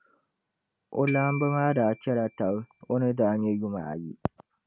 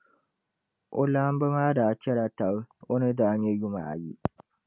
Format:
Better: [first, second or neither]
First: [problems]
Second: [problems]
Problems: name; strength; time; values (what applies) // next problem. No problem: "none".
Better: second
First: background sound (Glockenspiel); 16 dB below the speech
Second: none